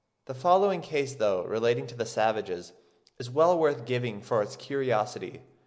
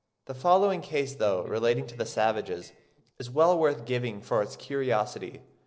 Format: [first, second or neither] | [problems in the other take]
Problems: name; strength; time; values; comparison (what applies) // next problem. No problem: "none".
first | noise reduction (neural separator model SepFormer DNS4)